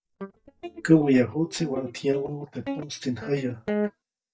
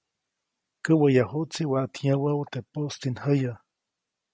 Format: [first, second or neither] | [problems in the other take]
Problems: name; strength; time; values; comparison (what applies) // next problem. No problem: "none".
second | noise reduction (neural mask model DeepFilterNet 3)